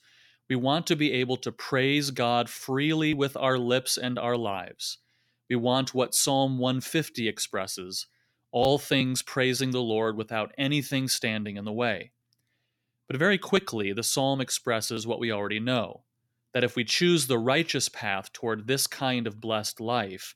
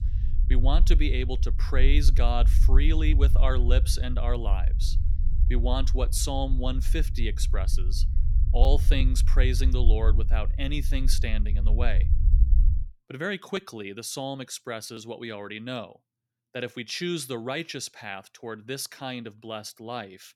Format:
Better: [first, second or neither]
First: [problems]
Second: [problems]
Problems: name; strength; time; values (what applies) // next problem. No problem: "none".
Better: first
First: none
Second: low rumble; noticeable; until 13 s; 15 dB below the speech